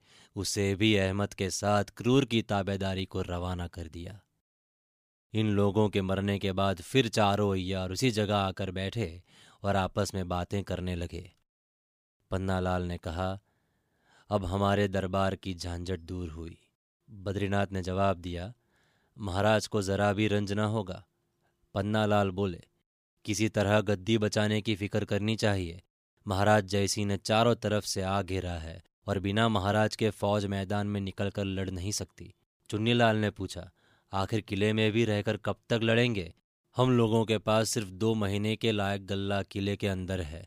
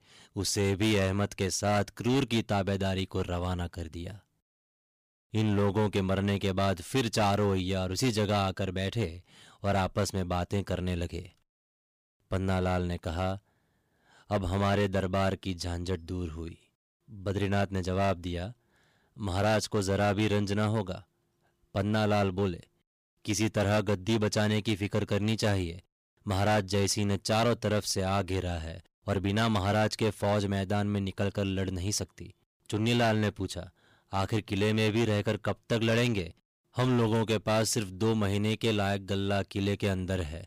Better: first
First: none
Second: distortion; slight; 8% of the sound clipped

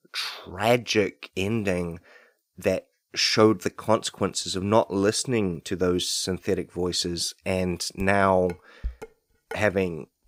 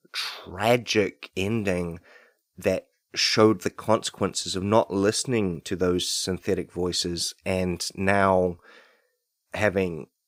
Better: second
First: clattering dishes; faint; from 8 to 9.5 s; peak 15 dB below the speech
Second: none

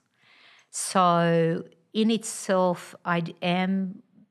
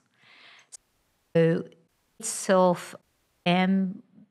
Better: first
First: none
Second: audio cutting out; at 1 s for 0.5 s, at 2 s and at 3 s

